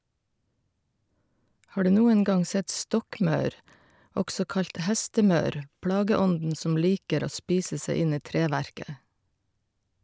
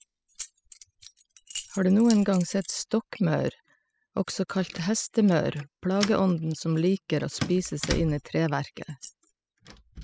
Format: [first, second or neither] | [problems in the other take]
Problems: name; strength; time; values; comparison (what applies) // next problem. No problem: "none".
first | noise reduction (classical method spectral subtraction)